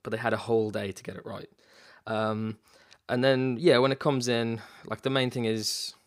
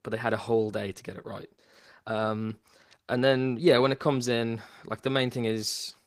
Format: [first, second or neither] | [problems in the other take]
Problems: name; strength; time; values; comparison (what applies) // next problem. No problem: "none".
first | garbled, watery; slightly; nothing above 15.5 kHz